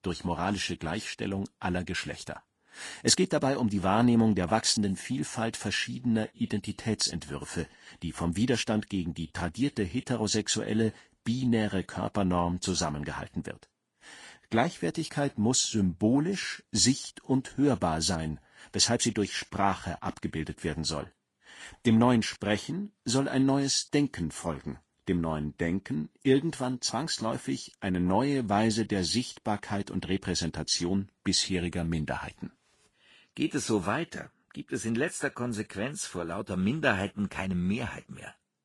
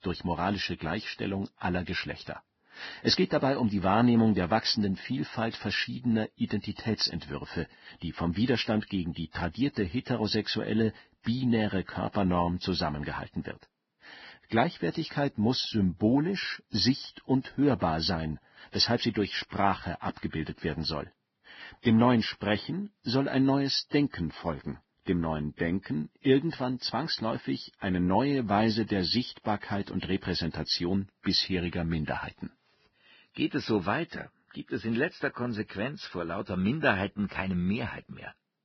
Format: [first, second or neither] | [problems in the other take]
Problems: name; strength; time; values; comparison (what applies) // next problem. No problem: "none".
first | garbled, watery; badly; nothing above 5.5 kHz; slightly in the first